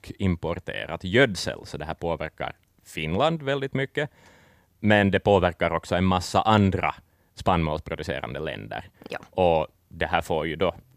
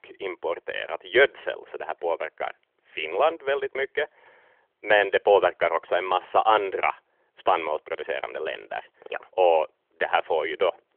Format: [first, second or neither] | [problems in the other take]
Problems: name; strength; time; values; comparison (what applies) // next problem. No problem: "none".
first | phone-call audio; nothing above 3.5 kHz